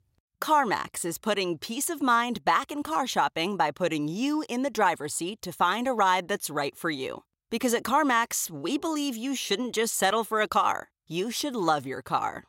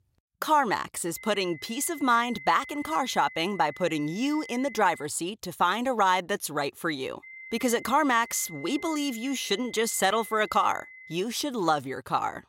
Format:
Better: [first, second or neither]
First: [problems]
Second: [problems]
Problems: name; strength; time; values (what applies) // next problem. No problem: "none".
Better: first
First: none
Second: high-pitched whine; noticeable; from 1 to 5 s and from 7 to 11 s; 2 kHz, 15 dB below the speech